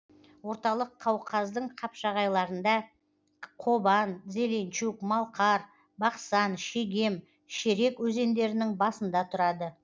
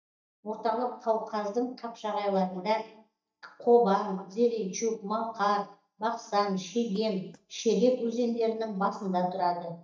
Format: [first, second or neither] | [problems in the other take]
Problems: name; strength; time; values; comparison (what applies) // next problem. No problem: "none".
first | noise reduction (neural mask model DeepFilterNet 3)